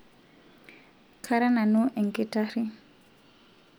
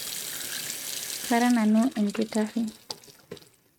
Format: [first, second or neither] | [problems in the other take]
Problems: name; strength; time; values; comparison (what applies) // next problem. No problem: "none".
first | noise reduction (neural mask model RNNoise)